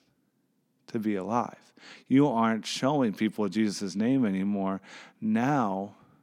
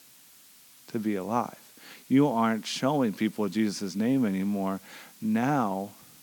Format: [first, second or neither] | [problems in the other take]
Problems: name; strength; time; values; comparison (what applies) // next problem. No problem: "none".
first | hiss; faint; throughout; 25 dB below the speech